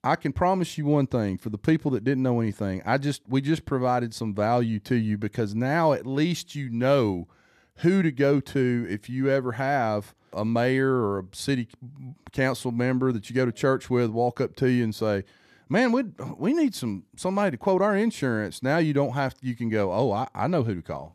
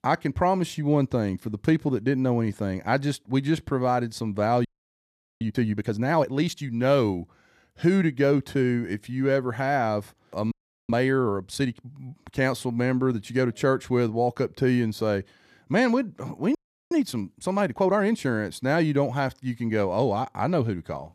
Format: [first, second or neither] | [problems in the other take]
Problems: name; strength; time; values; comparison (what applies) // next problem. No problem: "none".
first | audio freezing; at 4.5 s for 1 s, at 11 s and at 17 s